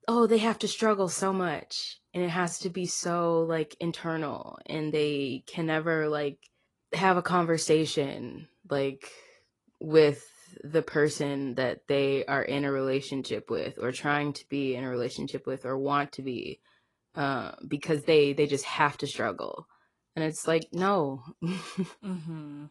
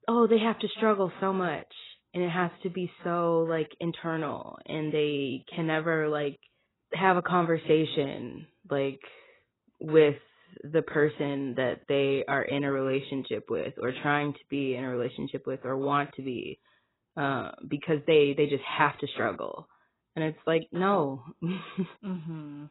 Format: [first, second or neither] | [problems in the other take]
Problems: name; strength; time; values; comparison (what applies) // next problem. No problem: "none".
first | garbled, watery; badly; nothing above 4 kHz; slightly in the first